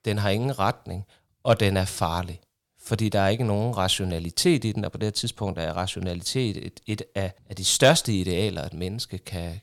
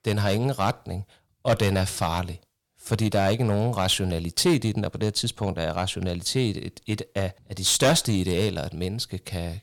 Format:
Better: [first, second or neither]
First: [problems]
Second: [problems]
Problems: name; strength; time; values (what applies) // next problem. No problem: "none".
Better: first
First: none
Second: distortion; slight; 3% of the sound clipped